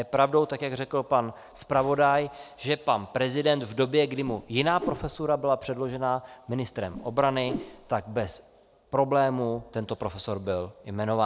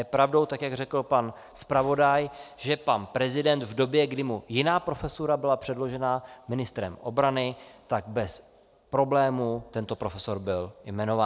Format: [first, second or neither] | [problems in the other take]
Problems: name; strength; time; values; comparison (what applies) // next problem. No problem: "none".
second | background sound (Whoosh, swoosh, swish); 13 dB below the speech